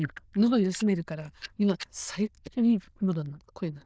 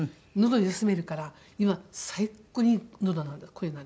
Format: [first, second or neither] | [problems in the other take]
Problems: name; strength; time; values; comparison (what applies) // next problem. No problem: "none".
second | noise reduction (neural diffusion model UNIVERSE++)